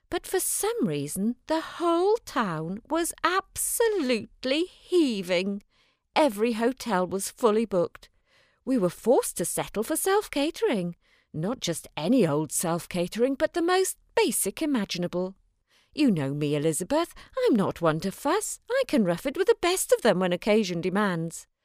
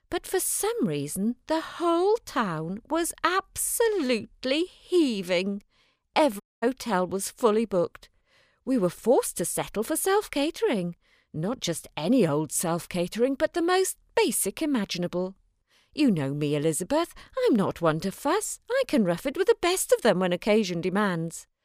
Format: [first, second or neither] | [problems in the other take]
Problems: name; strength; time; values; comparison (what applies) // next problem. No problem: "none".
first | audio cutting out; at 6.5 s